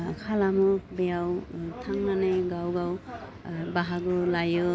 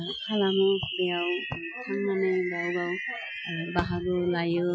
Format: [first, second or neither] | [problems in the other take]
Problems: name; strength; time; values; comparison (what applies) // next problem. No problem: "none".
first | noise reduction (classical method Wiener filter)